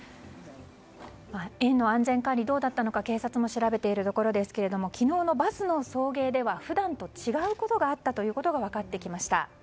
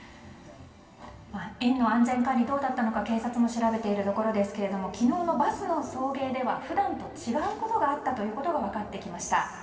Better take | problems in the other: first | room echo; dies away in 2.4 s

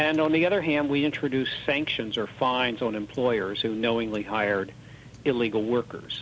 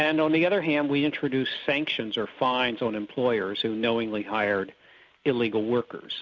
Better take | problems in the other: second | background sound (Tick-tock); 20 dB below the speech

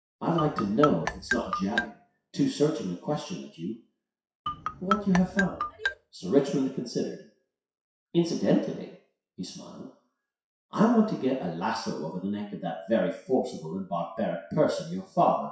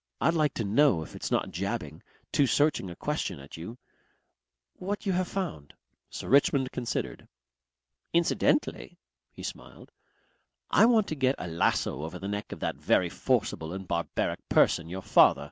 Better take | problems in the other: second | noise reduction (classical method WPE with log-MMSE)

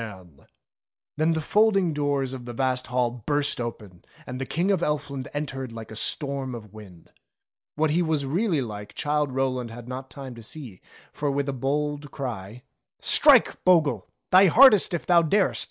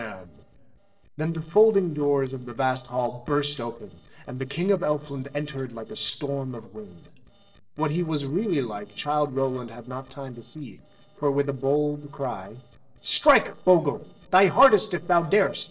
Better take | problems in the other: first | noise reduction (neural separator model SepFormer DNS4)

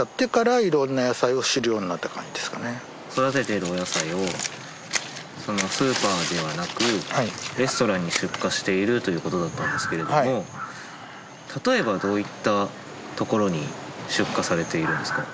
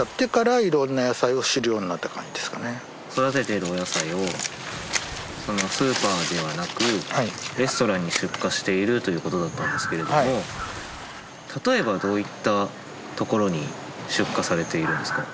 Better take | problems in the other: first | background sound (Bathtub (filling or washing) / Splash, splatter); 19 dB below the speech

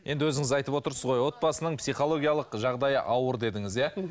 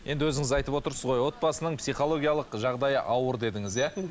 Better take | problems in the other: first | background sound (Rain); 16 dB below the speech

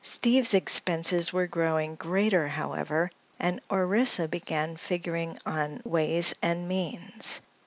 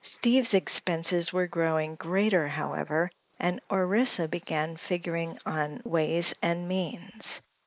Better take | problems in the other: first | noise reduction (neural mask model Resemble Enhance denoiser)

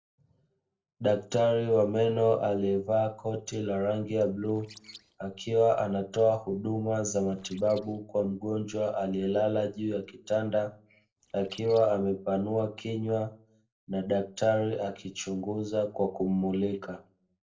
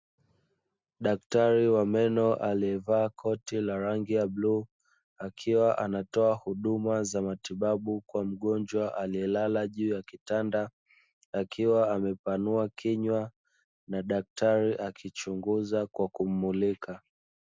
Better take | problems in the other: second | noise reduction (neural separator model SepFormer DNS4)

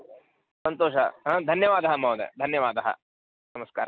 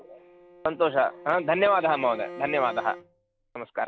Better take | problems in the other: first | background sound (Bowed string instrument); 16 dB below the speech

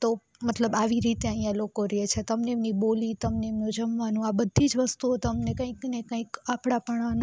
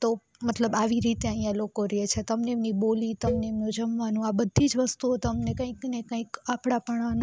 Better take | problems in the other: first | background sound (Cowbell); 12 dB below the speech

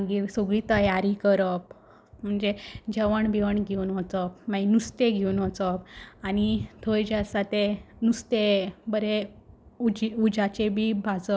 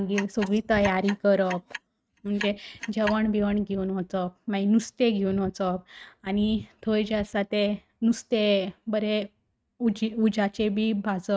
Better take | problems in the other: first | noise reduction (neural mask model RNNoise)

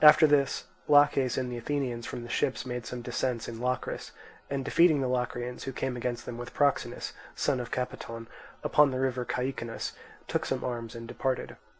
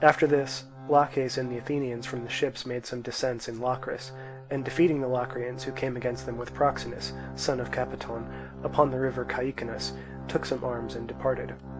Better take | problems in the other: first | background sound (Organ); 12 dB below the speech

